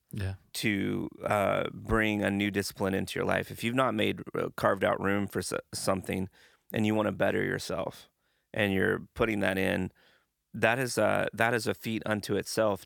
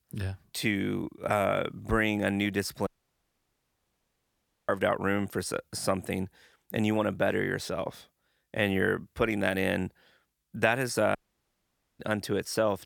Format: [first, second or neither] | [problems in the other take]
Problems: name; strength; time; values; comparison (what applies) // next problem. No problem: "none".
first | audio cutting out; at 3 s for 2 s and at 11 s for 1 s